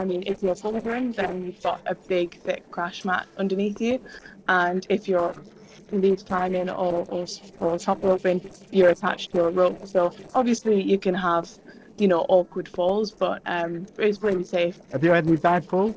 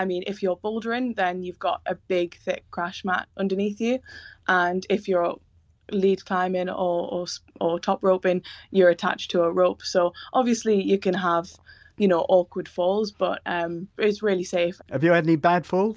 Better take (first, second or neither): second